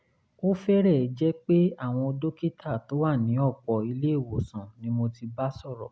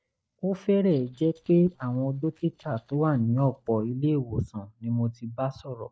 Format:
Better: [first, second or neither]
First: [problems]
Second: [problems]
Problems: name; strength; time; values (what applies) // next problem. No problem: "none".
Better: first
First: none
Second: noise reduction (neural mask model DeepFilterNet 3)